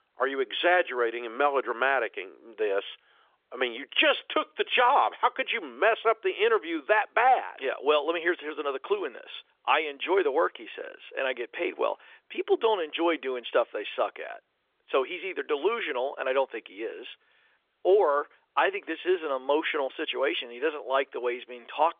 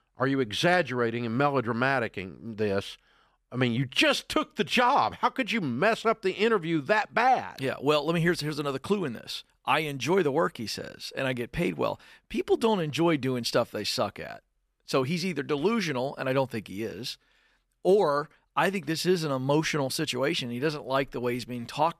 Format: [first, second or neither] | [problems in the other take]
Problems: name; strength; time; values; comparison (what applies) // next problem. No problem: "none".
second | phone-call audio; nothing above 3.5 kHz